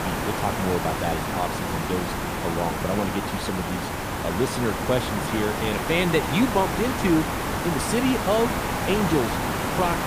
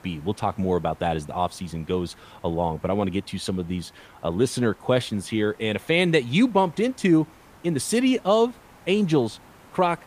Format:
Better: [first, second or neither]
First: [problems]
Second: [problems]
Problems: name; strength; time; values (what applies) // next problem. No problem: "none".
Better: second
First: hiss; loud; throughout; as loud as the speech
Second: hiss; faint; throughout; 25 dB below the speech